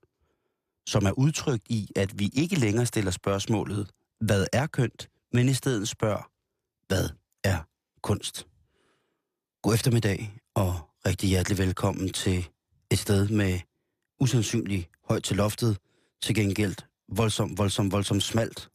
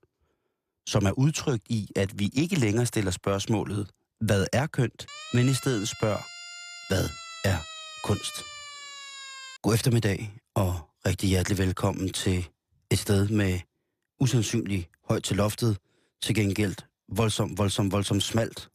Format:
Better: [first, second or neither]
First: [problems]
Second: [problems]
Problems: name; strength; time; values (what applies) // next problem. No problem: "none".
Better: first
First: none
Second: siren; faint; from 5 to 9.5 s; peak 10 dB below the speech